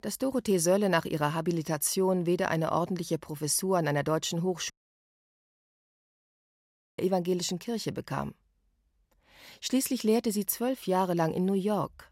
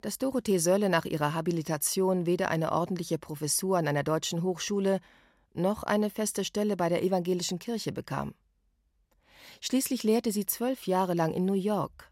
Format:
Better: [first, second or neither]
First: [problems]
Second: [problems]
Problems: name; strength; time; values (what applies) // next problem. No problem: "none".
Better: second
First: audio cutting out; at 4.5 s for 2.5 s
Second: none